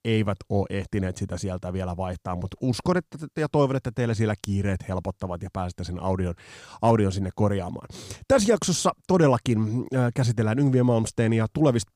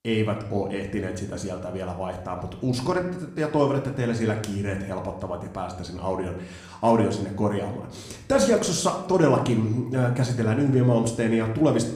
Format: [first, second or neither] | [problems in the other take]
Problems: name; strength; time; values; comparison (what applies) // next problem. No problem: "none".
first | room echo; slight; dies away in 0.6 s